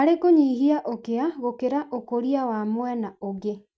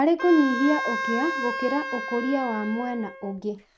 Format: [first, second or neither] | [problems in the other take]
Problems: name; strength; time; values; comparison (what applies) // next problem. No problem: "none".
first | background sound (Wind instrument, woodwind instrument); 6 dB below the speech